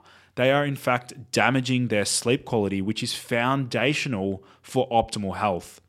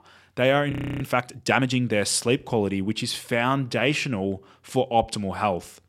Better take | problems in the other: first | audio freezing; at 0.5 s

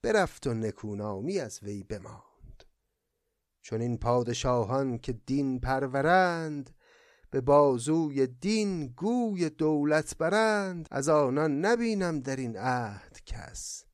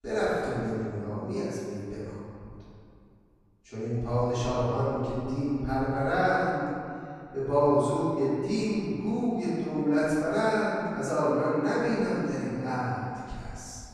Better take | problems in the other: first | off-mic speech; far // room echo; strong; dies away in 2.2 s

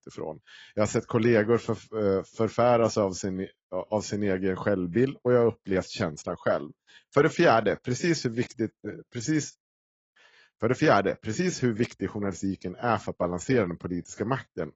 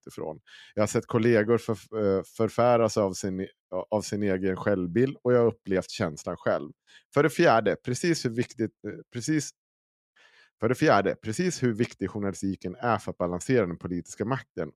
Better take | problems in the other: second | garbled, watery; badly; nothing above 7.5 kHz

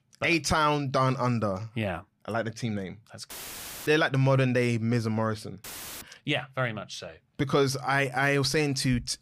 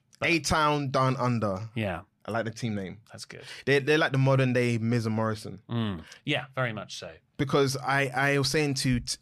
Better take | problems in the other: second | audio cutting out; filled with static; at 3.5 s for 0.5 s and at 5.5 s

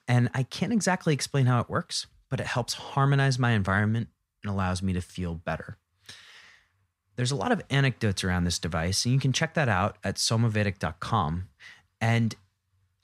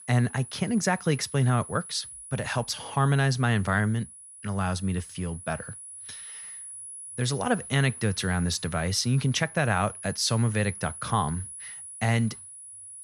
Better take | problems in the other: first | high-pitched whine; noticeable; throughout; 10.5 kHz, 15 dB below the speech

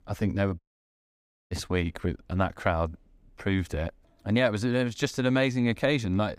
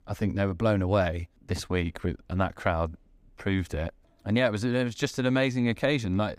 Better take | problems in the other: second | audio cutting out; at 0.5 s for 1 s

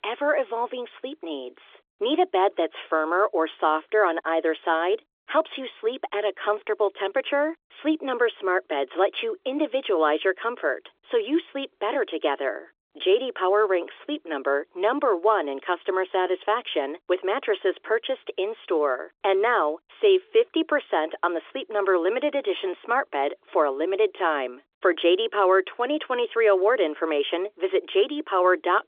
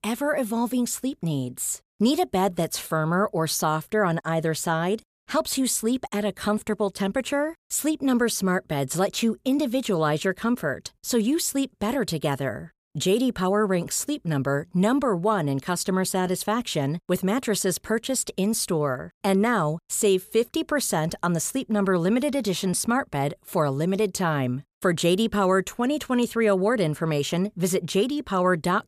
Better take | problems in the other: second | phone-call audio; nothing above 3.5 kHz

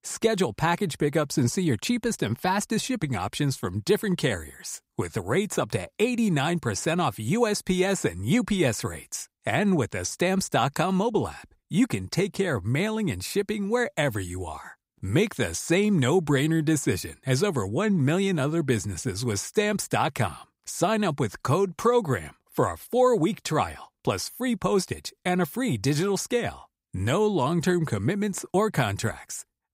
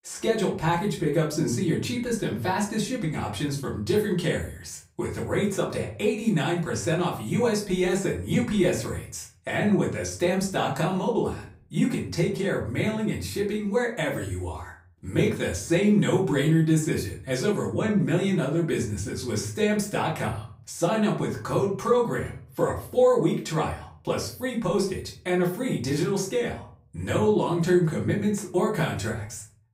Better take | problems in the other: first | off-mic speech; far // room echo; slight; dies away in 0.4 s

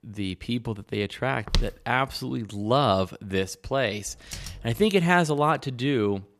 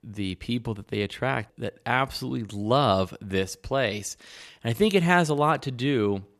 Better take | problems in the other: second | footsteps; noticeable; at 1.5 s; peak 4 dB below the speech // keyboard typing; faint; at 4 s; peak 10 dB below the speech

